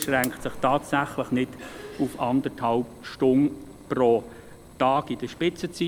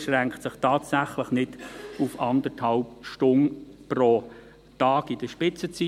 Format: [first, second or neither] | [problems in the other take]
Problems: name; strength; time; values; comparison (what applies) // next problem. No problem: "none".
second | background sound (Fire); 17 dB below the speech